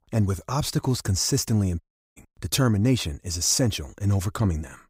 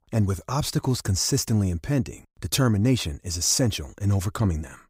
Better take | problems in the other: second | audio cutting out; at 2 s

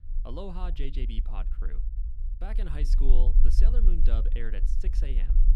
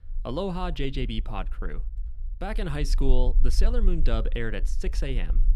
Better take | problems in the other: second | low rumble; loud; throughout; 9 dB below the speech; faint in the second

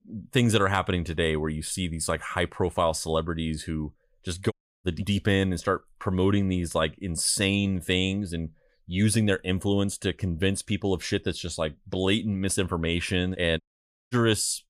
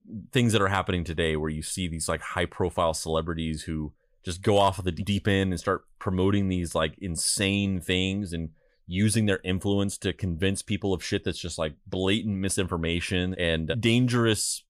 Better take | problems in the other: second | audio cutting out; at 4.5 s and at 14 s for 0.5 s

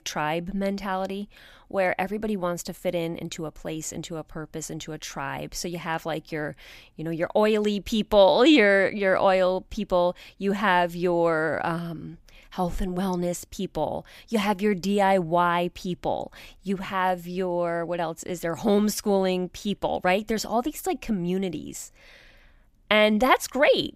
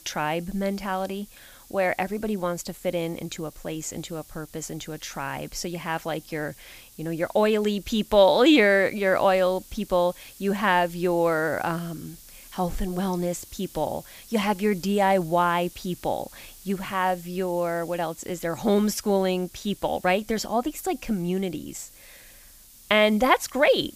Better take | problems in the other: first | hiss; faint; throughout; 20 dB below the speech

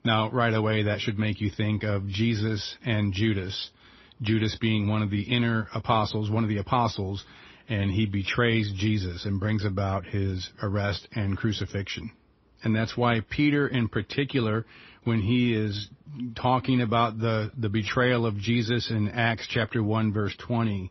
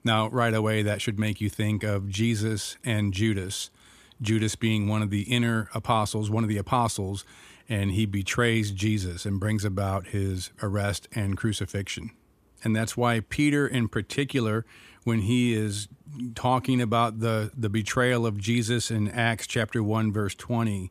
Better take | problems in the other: second | garbled, watery; slightly; nothing above 6 kHz

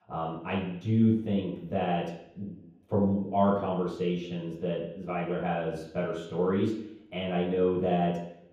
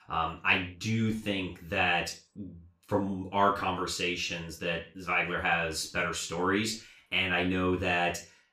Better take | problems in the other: second | room echo; strong; dies away in 0.9 s; slight in the second // off-mic speech; far; far in the second

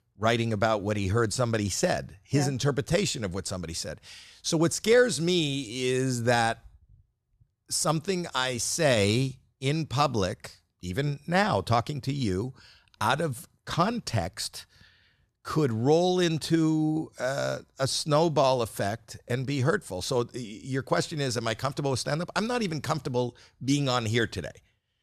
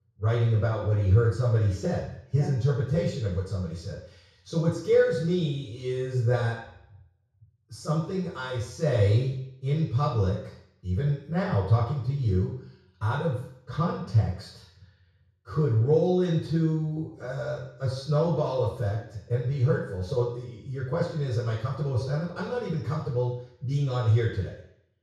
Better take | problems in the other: first | room echo; noticeable; dies away in 0.6 s // off-mic speech; far

